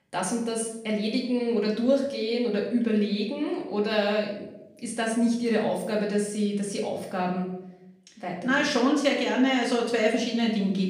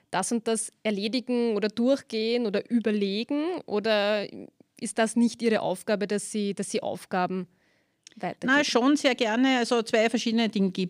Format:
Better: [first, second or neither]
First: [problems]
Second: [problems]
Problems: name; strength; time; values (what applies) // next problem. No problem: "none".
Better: second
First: off-mic speech; far // room echo; noticeable; dies away in 0.6 s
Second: none